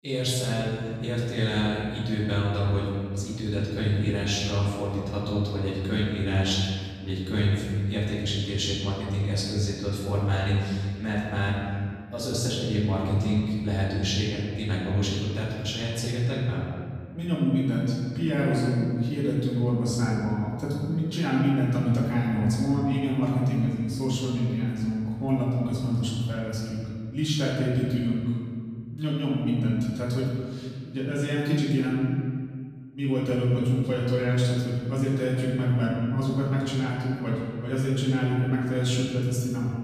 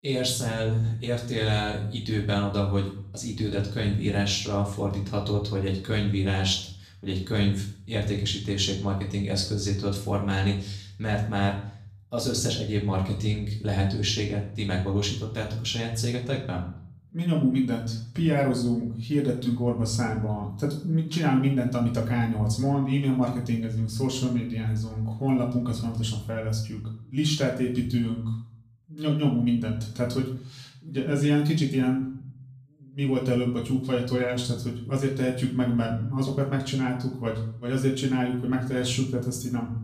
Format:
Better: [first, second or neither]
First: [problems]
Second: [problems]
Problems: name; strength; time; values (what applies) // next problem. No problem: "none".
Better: second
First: room echo; strong; dies away in 1.9 s // off-mic speech; far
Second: room echo; slight; dies away in 0.5 s // off-mic speech; far